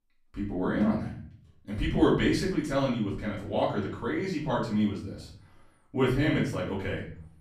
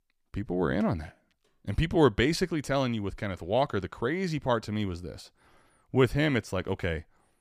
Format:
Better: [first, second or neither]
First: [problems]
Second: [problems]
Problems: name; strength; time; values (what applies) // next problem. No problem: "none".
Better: second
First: room echo; noticeable; dies away in 0.5 s // off-mic speech; far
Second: none